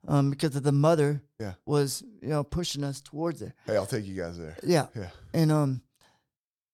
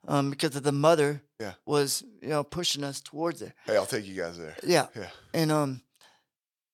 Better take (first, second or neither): first